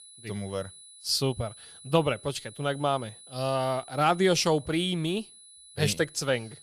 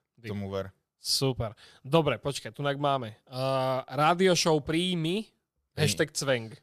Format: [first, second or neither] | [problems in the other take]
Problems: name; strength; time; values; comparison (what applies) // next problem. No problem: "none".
second | high-pitched whine; noticeable; throughout; 10 kHz, 20 dB below the speech